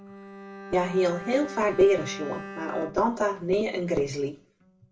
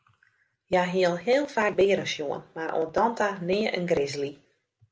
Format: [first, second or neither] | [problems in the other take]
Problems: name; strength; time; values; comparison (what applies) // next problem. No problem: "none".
second | background sound (Bowed string instrument); 14 dB below the speech // room echo; dies away in 0.2 s